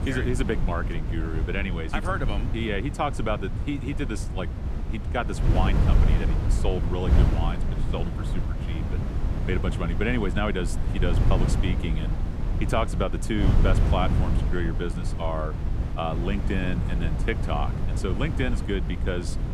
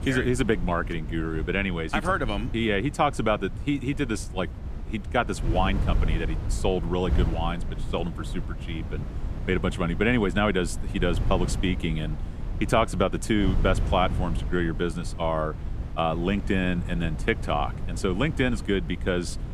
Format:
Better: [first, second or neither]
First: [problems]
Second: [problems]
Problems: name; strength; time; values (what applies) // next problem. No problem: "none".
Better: second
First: wind noise on the microphone; heavy; 7 dB below the speech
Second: wind noise on the microphone; occasional gusts; 15 dB below the speech